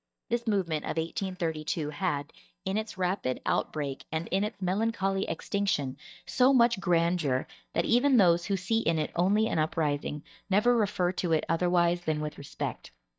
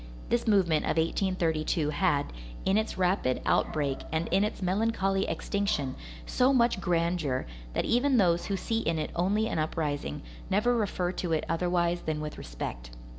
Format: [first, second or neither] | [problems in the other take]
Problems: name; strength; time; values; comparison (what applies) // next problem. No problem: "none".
second | noise reduction (neural mask model DeepFilterNet 3)